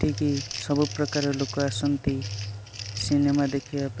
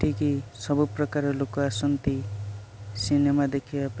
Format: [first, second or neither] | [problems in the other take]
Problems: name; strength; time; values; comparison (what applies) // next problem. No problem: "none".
second | background sound (Crumpling, crinkling); 14 dB below the speech